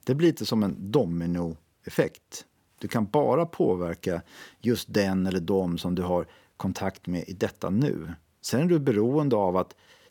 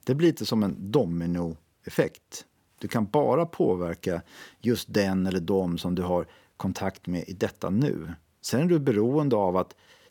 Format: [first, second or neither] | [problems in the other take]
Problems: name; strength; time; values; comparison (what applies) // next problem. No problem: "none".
neither | none